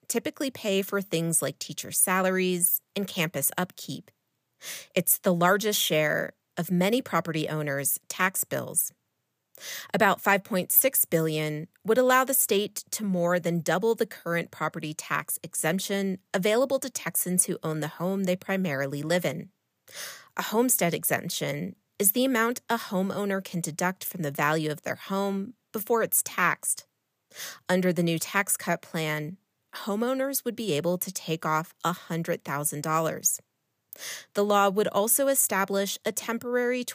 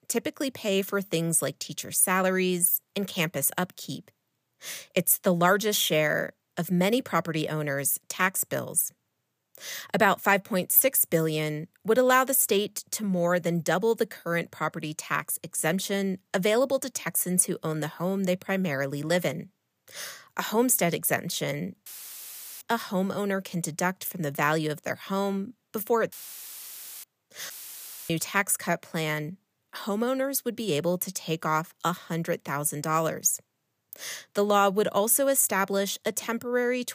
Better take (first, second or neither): first